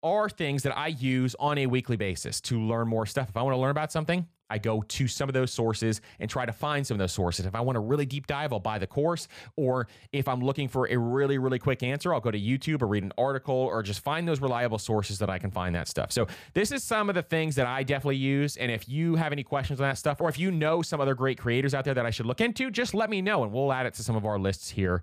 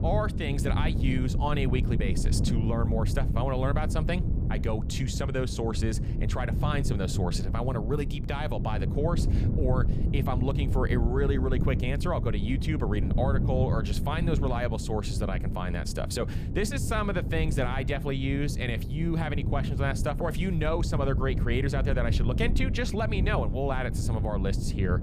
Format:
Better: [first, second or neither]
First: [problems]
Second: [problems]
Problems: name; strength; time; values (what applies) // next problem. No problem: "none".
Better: first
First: none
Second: wind noise on the microphone; heavy; 8 dB below the speech